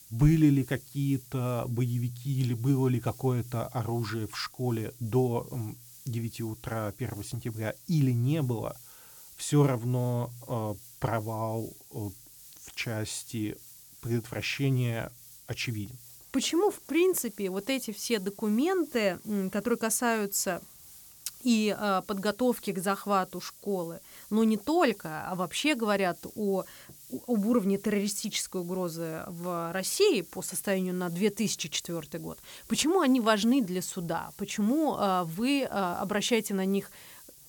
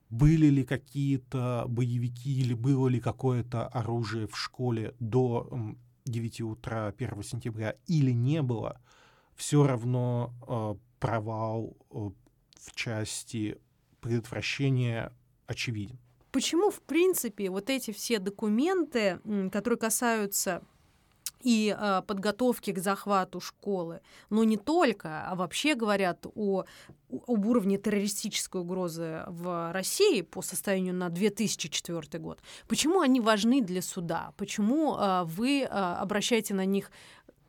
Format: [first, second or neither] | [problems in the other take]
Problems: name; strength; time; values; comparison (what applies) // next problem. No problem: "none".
second | hiss; noticeable; throughout; 20 dB below the speech